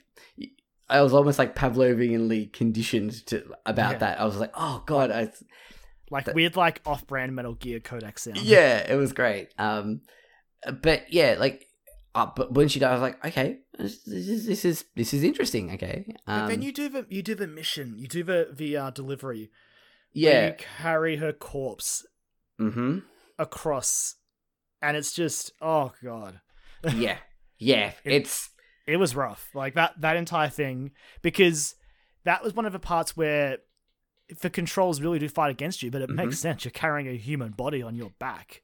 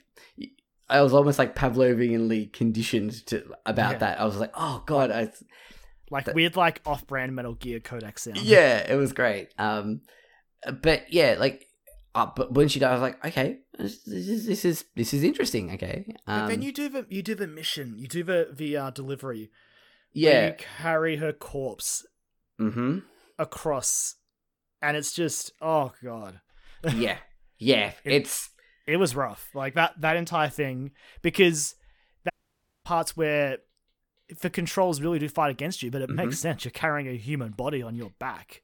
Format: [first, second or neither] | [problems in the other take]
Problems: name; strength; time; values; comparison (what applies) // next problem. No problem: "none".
first | audio cutting out; at 32 s for 0.5 s